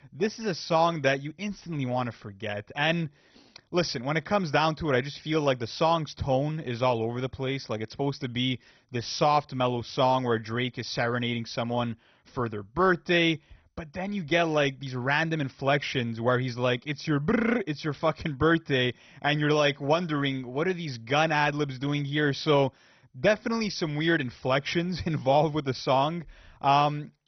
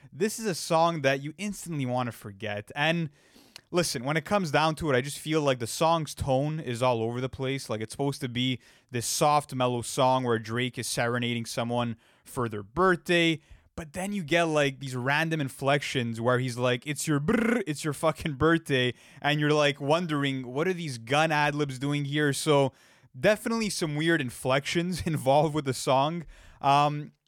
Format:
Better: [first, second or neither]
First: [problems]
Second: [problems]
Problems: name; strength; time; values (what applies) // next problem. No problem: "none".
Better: second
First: garbled, watery; badly; nothing above 6 kHz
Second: none